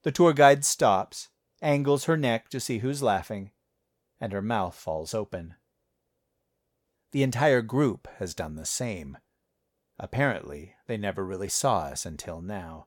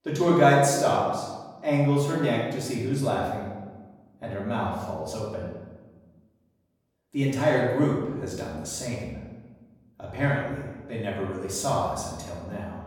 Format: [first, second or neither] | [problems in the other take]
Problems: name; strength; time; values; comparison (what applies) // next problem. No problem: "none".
first | off-mic speech; far // room echo; noticeable; dies away in 1.1 s